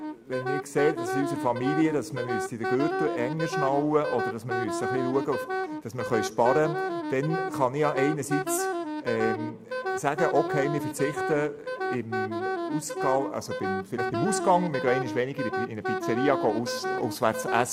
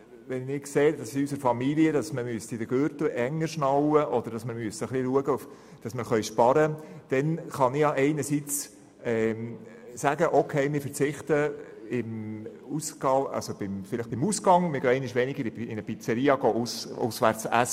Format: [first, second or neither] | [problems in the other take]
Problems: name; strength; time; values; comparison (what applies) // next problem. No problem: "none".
second | background sound (Wind instrument, woodwind instrument); 3 dB below the speech